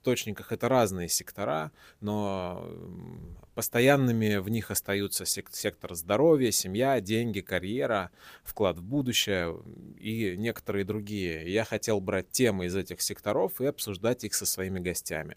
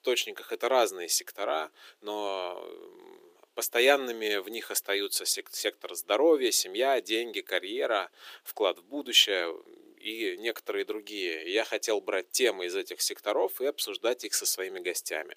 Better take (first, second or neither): first